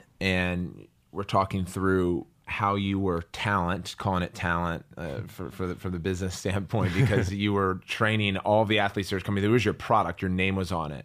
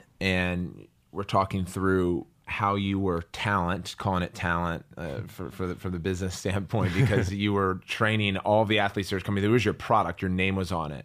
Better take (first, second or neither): neither